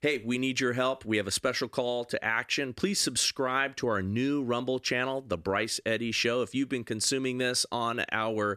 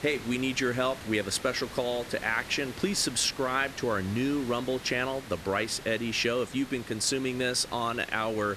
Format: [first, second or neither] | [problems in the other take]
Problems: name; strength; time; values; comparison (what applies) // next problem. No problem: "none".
first | hiss; noticeable; throughout; 15 dB below the speech